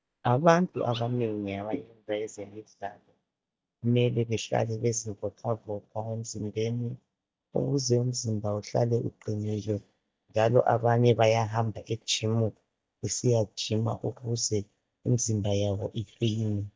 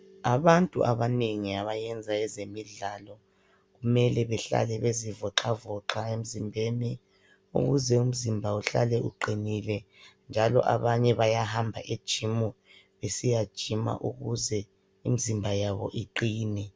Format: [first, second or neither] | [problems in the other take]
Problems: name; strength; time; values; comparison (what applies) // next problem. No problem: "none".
second | noise reduction (neural mask model DeepFilterNet 3)